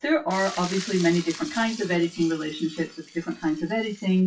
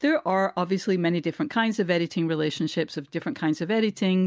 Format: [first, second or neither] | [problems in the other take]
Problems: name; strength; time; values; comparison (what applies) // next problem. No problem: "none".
second | noise reduction (classical method WPE with log-MMSE)